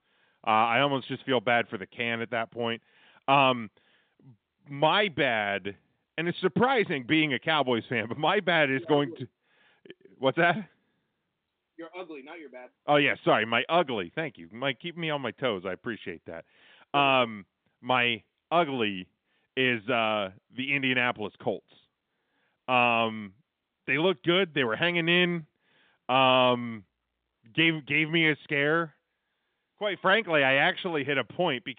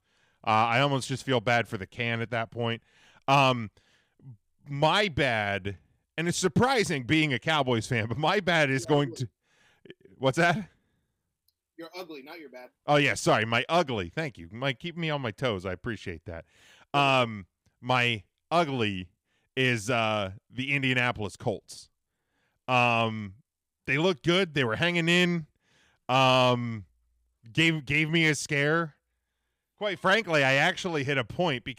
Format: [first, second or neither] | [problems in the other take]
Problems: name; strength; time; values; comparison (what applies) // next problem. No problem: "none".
second | phone-call audio; nothing above 3.5 kHz